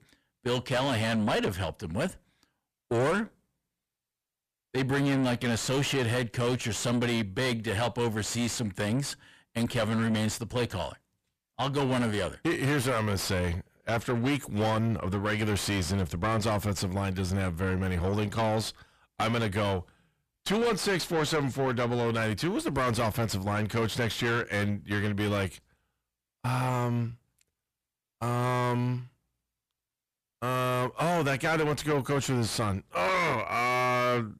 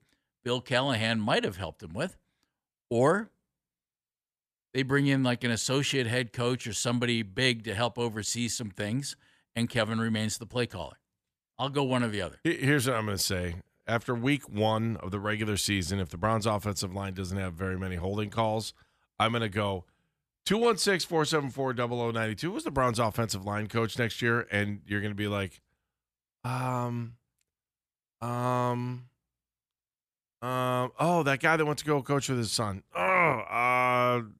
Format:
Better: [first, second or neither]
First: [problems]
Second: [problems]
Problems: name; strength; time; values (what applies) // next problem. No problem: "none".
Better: second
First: distortion; heavy; 6 dB below the speech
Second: none